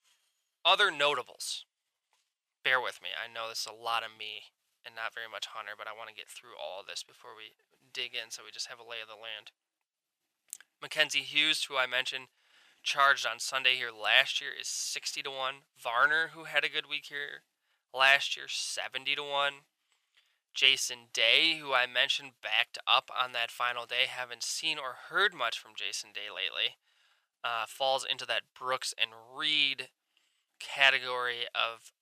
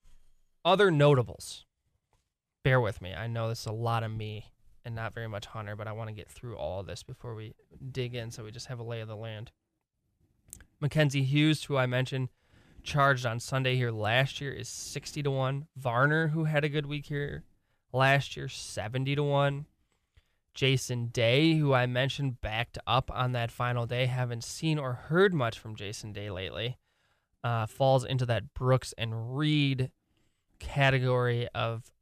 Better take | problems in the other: second | thin; very; fading below 950 Hz

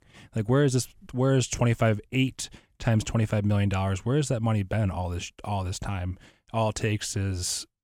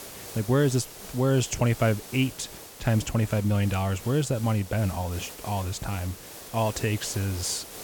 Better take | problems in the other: first | hiss; noticeable; throughout; 15 dB below the speech

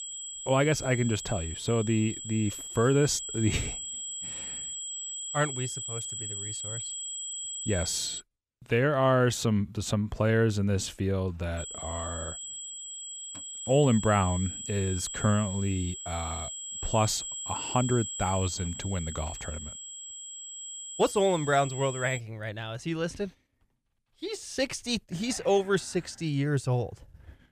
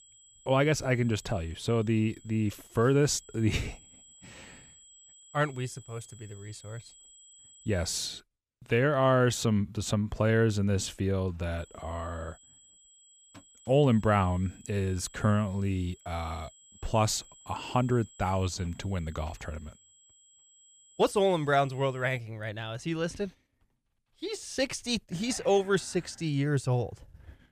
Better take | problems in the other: second | high-pitched whine; loud; until 8 s and from 12 to 22 s; 7.5 kHz, 7 dB below the speech; faint in the second

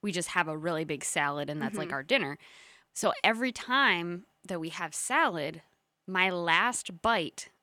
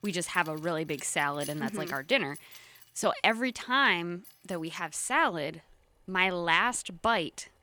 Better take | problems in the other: first | household noises; faint; throughout; 20 dB below the speech

